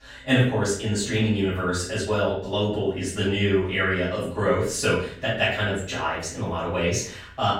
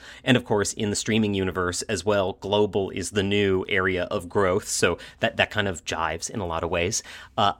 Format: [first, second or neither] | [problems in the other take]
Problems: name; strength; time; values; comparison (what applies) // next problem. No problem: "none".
second | room echo; noticeable; dies away in 0.5 s // off-mic speech; far